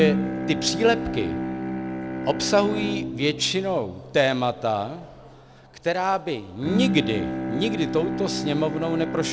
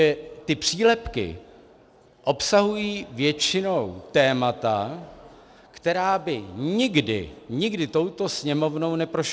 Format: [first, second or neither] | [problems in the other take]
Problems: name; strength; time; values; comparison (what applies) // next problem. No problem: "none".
second | background sound (Bowed string instrument); 4 dB below the speech